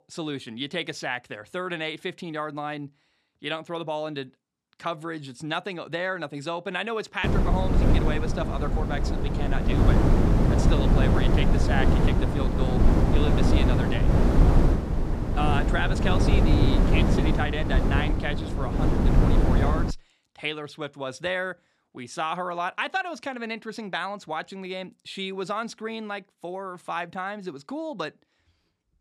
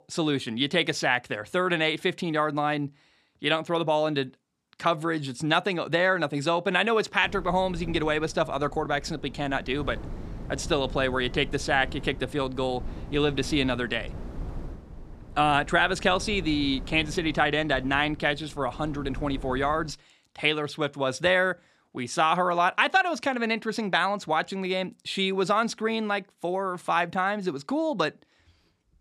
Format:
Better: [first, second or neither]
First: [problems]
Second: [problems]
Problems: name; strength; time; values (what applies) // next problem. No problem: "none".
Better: second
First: wind noise on the microphone; heavy; from 7 to 20 s; as loud as the speech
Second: wind noise on the microphone; occasional gusts; from 7 to 20 s; 25 dB below the speech